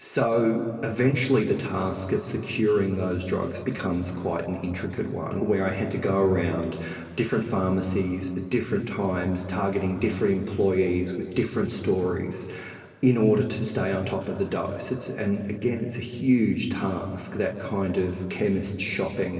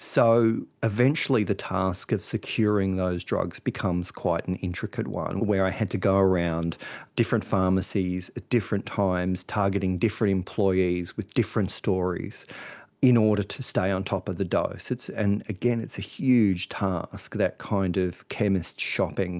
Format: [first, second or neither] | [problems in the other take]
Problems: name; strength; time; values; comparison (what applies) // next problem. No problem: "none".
second | room echo; dies away in 2.3 s